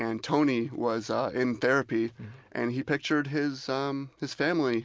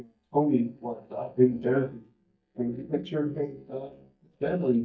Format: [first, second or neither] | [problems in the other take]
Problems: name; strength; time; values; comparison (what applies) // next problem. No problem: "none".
first | noise reduction (neural mask model DeepFilterNet 3)